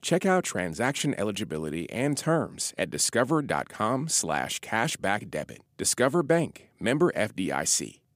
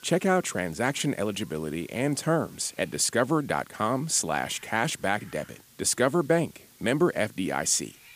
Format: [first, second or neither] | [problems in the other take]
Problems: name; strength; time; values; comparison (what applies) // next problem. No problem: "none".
first | hiss; faint; throughout; 25 dB below the speech